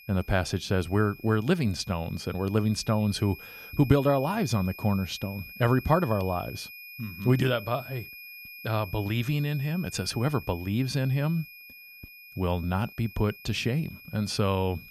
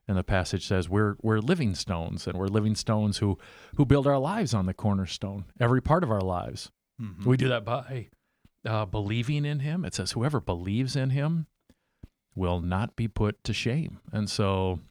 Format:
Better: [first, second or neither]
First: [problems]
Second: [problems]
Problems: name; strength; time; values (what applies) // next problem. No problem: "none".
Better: second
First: high-pitched whine; noticeable; throughout; 2.5 kHz, 15 dB below the speech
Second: none